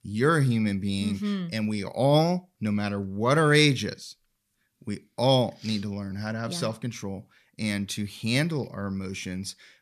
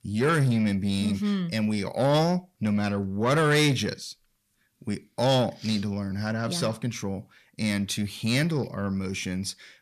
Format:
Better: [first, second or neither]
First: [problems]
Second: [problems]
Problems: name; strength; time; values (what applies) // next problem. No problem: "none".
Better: first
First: none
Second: distortion; slight; 10 dB below the speech